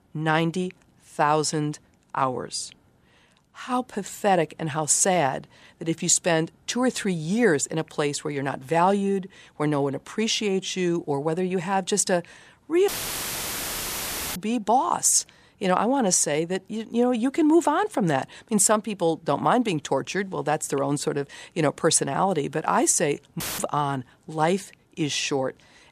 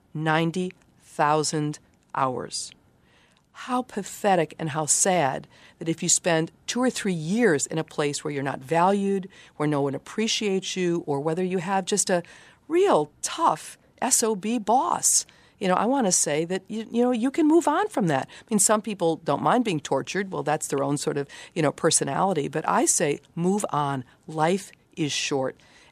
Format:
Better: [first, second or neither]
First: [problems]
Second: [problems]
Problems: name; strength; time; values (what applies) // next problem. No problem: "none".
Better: second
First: audio cutting out; filled with static; at 13 s for 1.5 s and at 23 s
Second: none